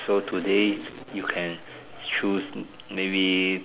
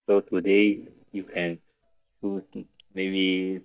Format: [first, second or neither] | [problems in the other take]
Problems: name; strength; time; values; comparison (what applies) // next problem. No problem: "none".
first | noise reduction (neural mask model DeepFilterNet 3)